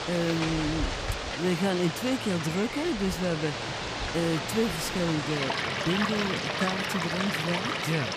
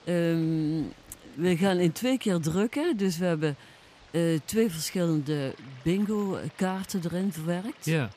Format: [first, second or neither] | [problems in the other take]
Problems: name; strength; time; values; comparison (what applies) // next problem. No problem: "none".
second | rain or running water; loud; throughout; 1 dB below the speech; faint in the second